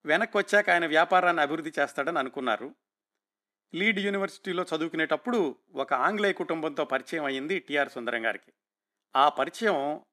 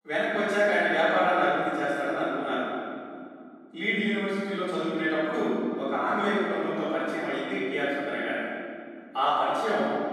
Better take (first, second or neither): first